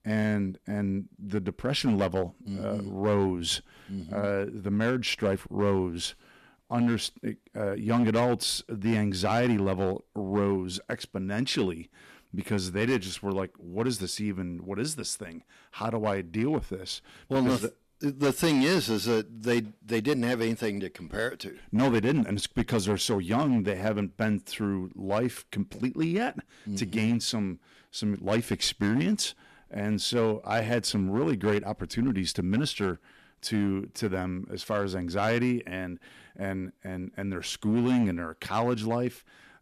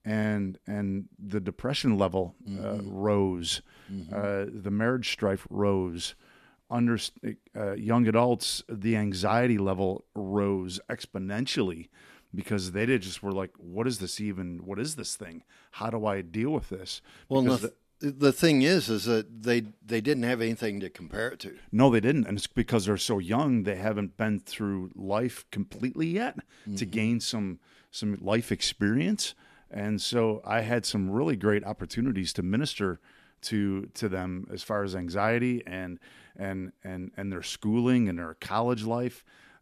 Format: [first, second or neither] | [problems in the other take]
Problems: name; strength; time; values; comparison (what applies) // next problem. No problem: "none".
second | distortion; slight; 4% of the sound clipped